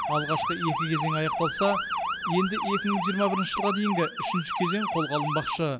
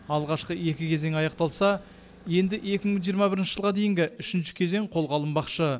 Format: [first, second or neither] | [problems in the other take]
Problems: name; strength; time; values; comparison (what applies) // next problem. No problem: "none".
second | background sound (Motor vehicle (road) / Siren); 2 dB below the speech